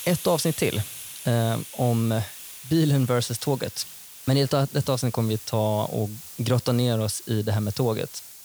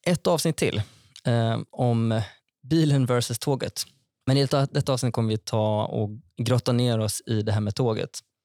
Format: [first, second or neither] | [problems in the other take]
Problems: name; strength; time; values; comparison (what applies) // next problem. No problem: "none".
second | hiss; noticeable; throughout; 10 dB below the speech